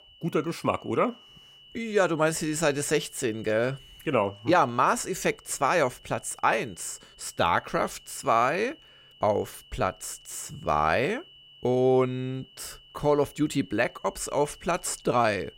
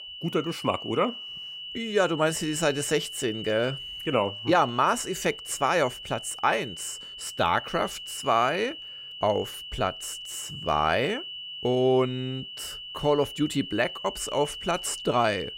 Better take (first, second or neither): first